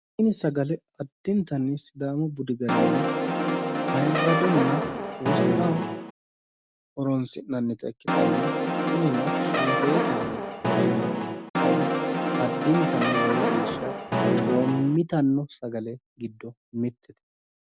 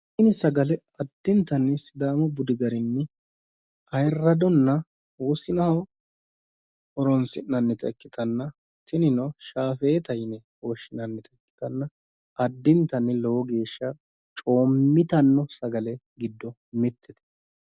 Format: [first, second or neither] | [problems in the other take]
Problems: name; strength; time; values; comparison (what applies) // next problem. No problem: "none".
second | background sound (Brass instrument); 4 dB above the speech